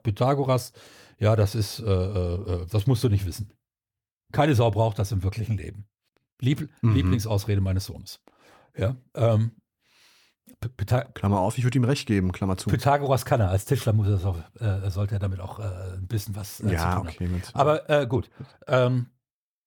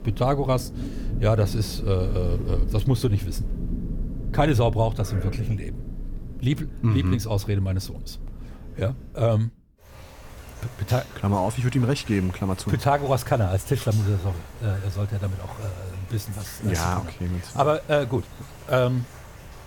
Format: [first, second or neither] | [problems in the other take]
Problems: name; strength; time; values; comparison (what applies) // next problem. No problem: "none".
first | rain or running water; noticeable; throughout; 10 dB below the speech